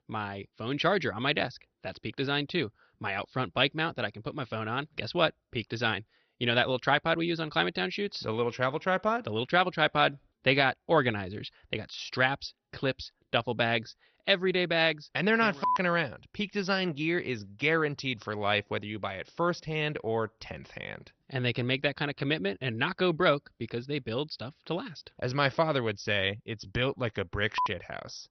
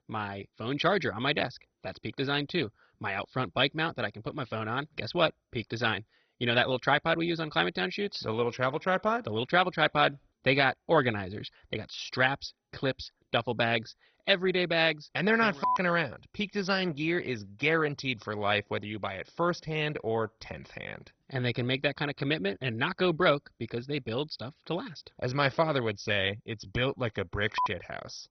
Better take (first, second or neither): first